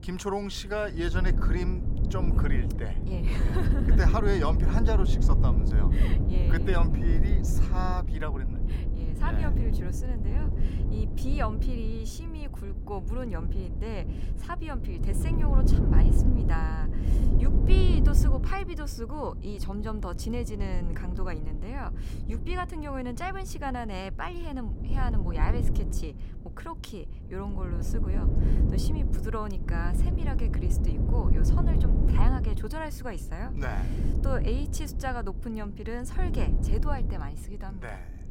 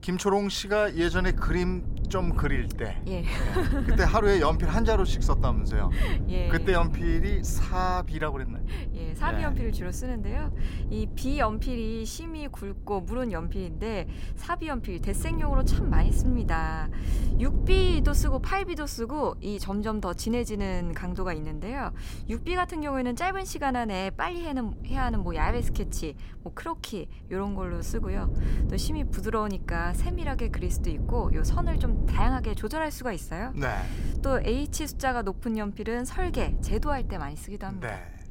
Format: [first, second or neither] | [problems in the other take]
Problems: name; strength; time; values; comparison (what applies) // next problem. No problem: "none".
second | wind noise on the microphone; heavy; 5 dB below the speech; occasional gusts in the second